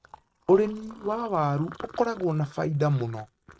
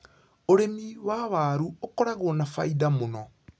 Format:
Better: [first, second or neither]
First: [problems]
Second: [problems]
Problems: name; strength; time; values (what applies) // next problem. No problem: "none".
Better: second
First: noise reduction (neural mask model RNNoise)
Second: none